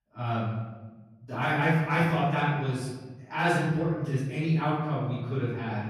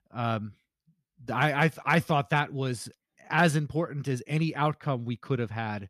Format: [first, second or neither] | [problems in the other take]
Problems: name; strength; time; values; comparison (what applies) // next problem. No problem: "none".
second | off-mic speech; far // room echo; noticeable; dies away in 1.1 s